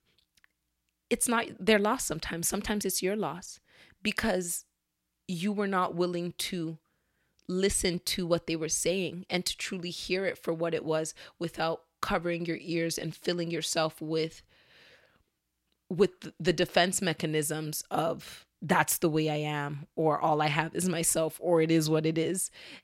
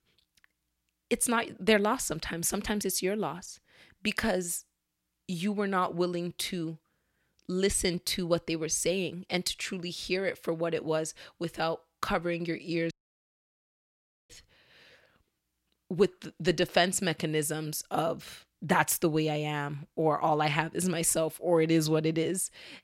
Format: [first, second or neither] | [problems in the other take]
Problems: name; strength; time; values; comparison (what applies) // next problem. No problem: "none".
first | audio cutting out; at 13 s for 1.5 s